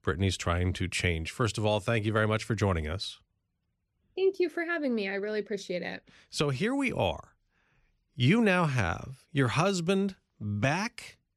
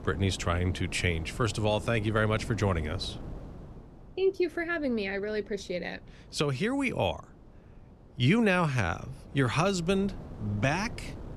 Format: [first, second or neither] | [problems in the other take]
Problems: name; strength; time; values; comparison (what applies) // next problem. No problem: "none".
first | wind noise on the microphone; occasional gusts; 20 dB below the speech